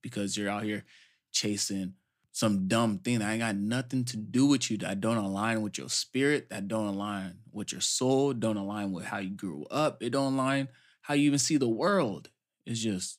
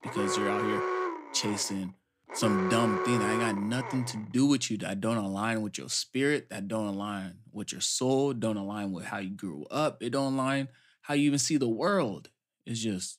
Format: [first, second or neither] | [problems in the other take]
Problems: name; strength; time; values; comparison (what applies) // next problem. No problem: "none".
first | alarm; loud; until 4 s; peak level with the speech